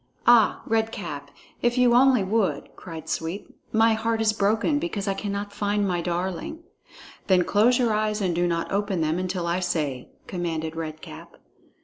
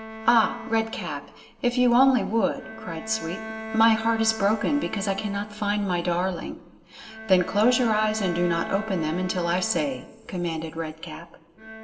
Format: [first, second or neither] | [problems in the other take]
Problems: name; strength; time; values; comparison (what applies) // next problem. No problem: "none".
first | background sound (Bowed string instrument); 13 dB below the speech // room echo; dies away in 1.5 s